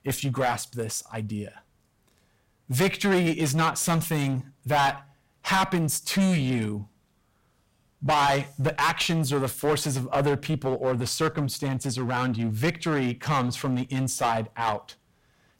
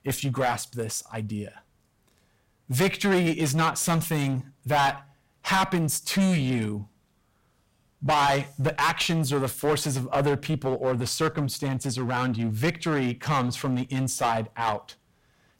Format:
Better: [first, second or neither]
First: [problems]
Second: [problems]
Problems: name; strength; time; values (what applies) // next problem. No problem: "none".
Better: neither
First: distortion; heavy; 10% of the sound clipped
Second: distortion; heavy; 10% of the sound clipped